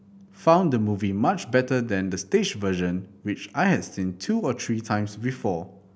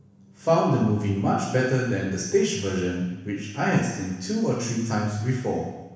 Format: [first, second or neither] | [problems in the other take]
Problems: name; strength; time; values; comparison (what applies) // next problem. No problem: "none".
first | room echo; dies away in 1.1 s